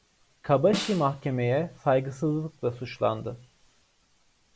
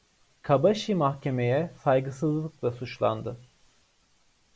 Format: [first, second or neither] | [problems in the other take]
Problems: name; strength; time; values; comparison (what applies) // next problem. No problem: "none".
second | background sound (Snare drum); 10 dB below the speech